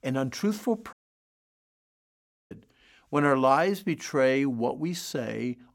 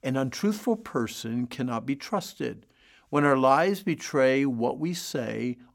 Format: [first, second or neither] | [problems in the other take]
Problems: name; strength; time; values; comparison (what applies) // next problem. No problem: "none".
second | audio cutting out; at 1 s for 1.5 s